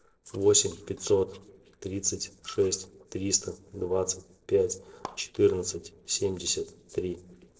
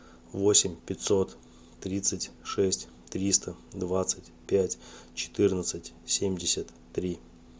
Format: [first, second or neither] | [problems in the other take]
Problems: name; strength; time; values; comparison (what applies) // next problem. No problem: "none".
second | noise reduction (neural separator model SepFormer DNS4)